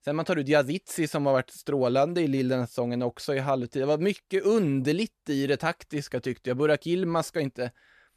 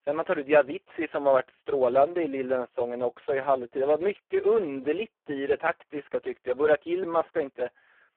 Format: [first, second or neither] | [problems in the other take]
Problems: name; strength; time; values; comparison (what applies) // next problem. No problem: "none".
first | phone-call audio; poor line